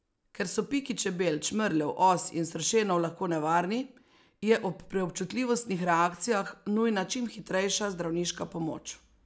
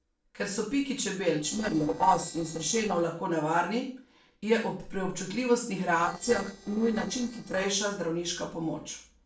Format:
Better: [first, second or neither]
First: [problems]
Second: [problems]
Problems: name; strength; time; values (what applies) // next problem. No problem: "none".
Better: first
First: none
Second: noise reduction (neural separator model SepFormer DNS4)